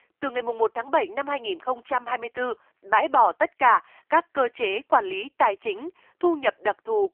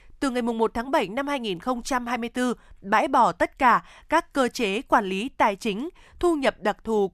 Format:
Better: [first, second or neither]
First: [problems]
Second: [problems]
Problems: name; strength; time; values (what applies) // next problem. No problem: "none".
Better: second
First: phone-call audio; poor line; nothing above 3 kHz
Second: none